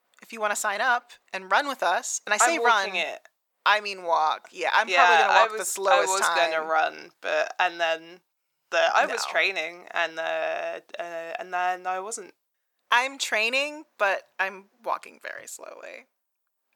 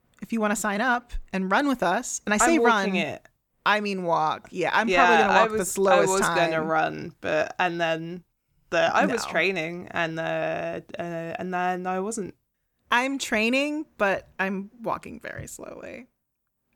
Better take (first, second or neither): second